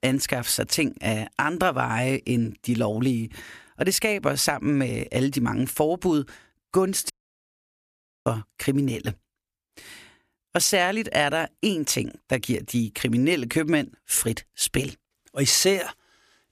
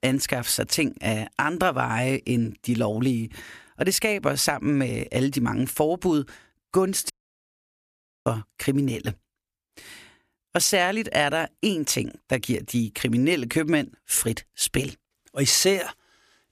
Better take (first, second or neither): neither